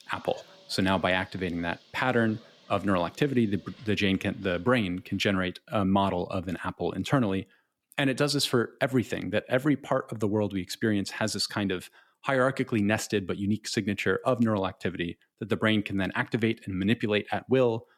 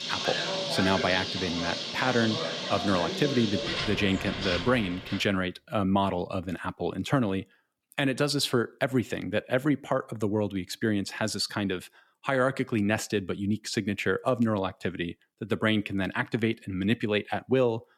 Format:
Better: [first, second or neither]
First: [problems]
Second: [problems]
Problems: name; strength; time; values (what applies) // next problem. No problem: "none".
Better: first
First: animal sounds; faint; until 5 s; 25 dB below the speech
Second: animal sounds; loud; until 5 s; 3 dB below the speech